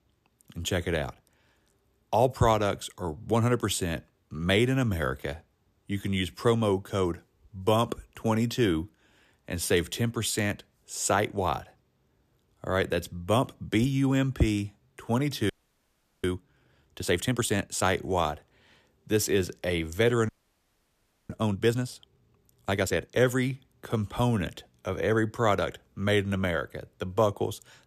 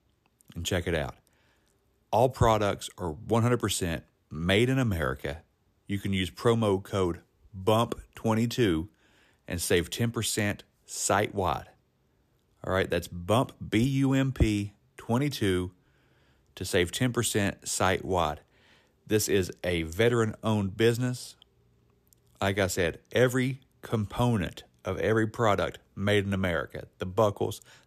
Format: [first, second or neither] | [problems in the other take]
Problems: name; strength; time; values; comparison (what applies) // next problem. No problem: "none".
second | audio freezing; at 16 s for 0.5 s and at 20 s for 1 s